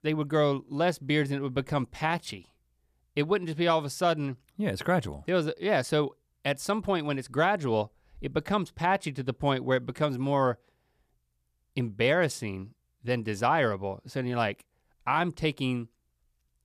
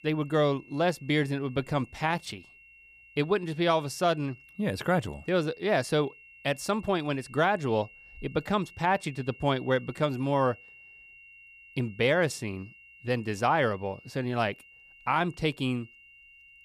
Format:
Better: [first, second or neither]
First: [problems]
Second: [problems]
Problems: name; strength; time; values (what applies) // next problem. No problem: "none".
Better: first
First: none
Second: high-pitched whine; faint; throughout; 3 kHz, 20 dB below the speech